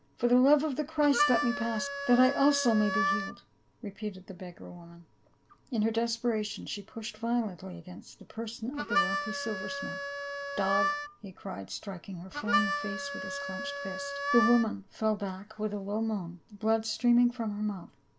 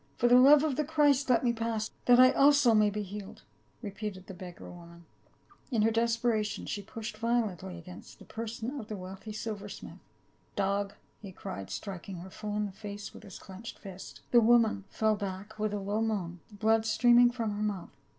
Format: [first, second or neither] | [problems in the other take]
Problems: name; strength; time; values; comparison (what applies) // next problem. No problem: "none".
second | background sound (Harmonica); 3 dB below the speech